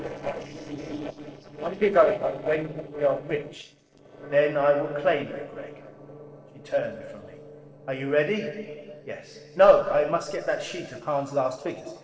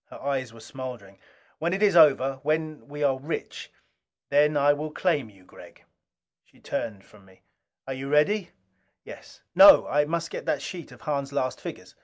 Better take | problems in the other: second | noise reduction (neural separator model SepFormer DNS4)

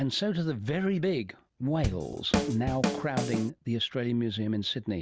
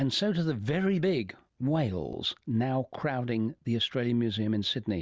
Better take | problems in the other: second | background sound (Drum / Drum kit); 1 dB below the speech

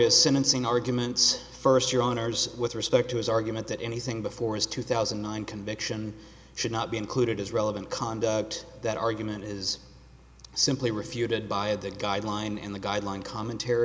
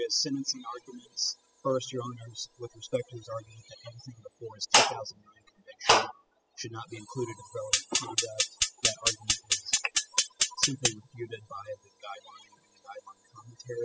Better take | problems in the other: first | noise reduction (classical method spectral subtraction)

